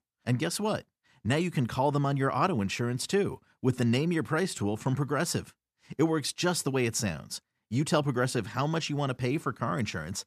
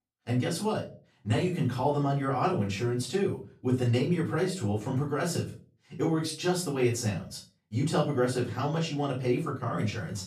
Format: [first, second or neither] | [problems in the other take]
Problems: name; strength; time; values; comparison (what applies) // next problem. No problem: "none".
first | off-mic speech; far // room echo; slight; dies away in 0.3 s